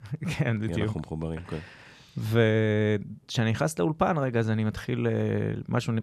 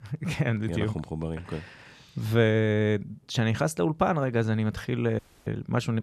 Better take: first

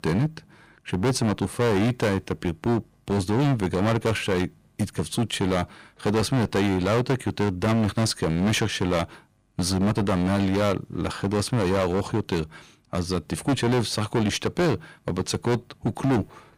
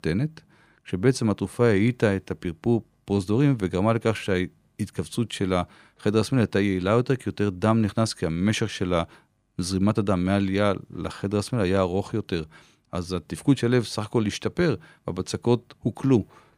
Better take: second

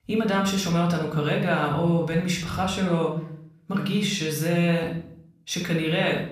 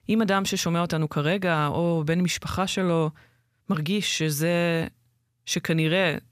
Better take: second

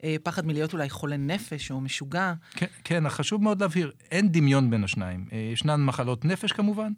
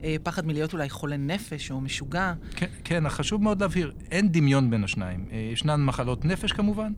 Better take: first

